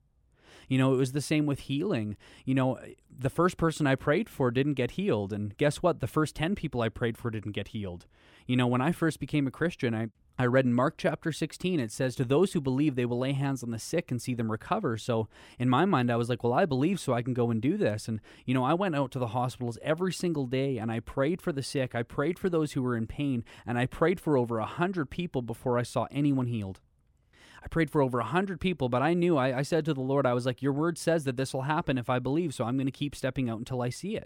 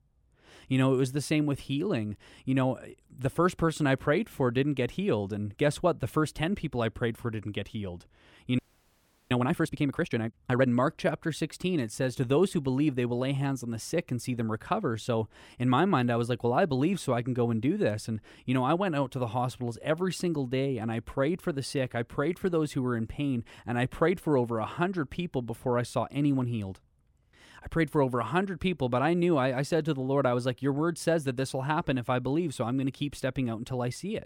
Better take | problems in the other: first | audio freezing; at 8.5 s for 0.5 s

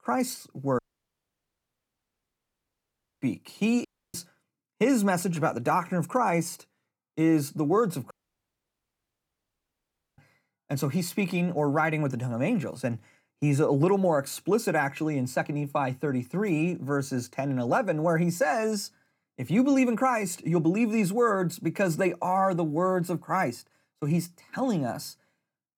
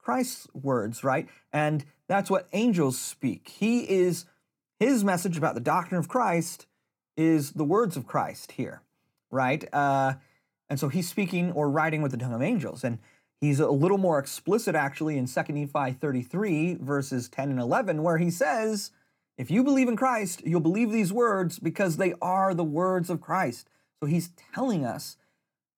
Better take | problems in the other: second | audio cutting out; at 1 s for 2.5 s, at 4 s and at 8 s for 2 s

